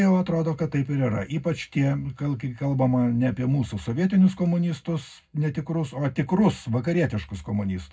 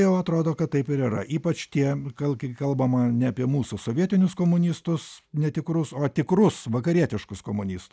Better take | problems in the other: second | room echo; dies away in 0.3 s

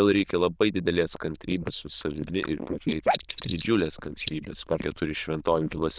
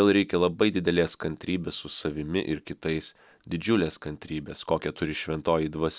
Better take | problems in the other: second | noise reduction (neural diffusion model UNIVERSE++)

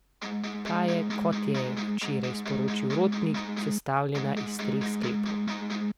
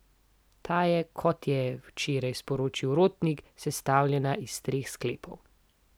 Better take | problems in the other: second | background sound (Electric guitar); 2 dB above the speech

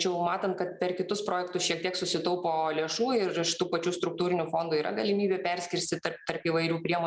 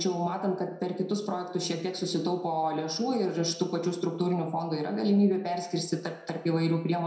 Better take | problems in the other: first | room echo; dies away in 0.6 s

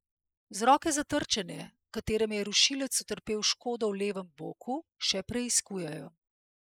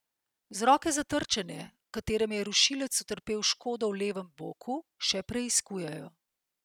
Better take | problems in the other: second | noise reduction (neural mask model Resemble Enhance denoiser)

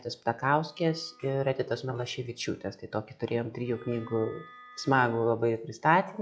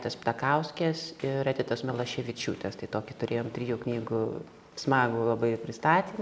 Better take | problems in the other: second | noise reduction (classical method log-MMSE)

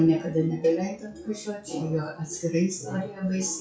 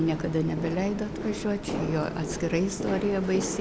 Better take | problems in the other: second | noise reduction (classical method WPE with log-MMSE)

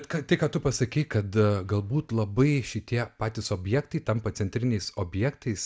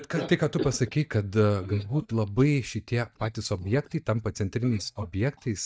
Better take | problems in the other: first | noise reduction (neural mask model DeepFilterNet 3)

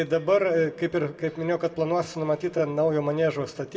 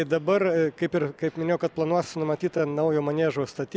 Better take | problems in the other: second | room echo; dies away in 0.8 s

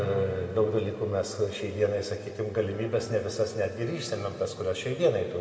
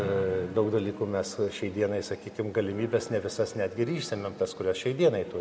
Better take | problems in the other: second | room echo; dies away in 2 s

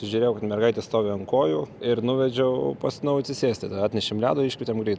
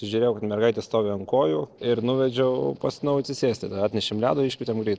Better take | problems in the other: first | noise reduction (neural separator model SepFormer DNS4)

